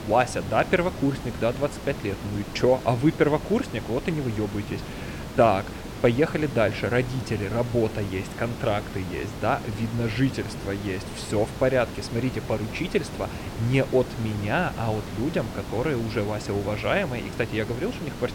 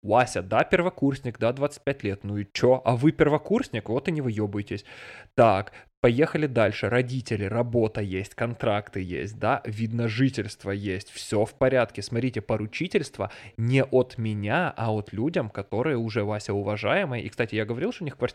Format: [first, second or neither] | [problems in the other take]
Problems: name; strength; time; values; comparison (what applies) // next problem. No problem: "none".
second | hiss; loud; throughout; 10 dB below the speech